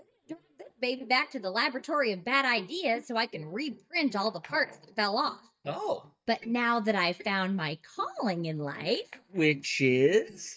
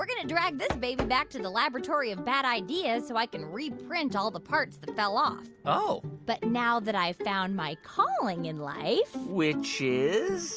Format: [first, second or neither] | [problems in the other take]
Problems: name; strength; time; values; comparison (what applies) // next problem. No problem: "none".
second | noise reduction (neural mask model DeepFilterNet 3)